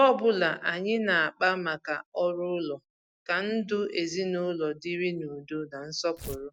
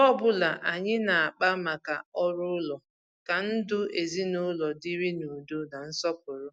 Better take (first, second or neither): second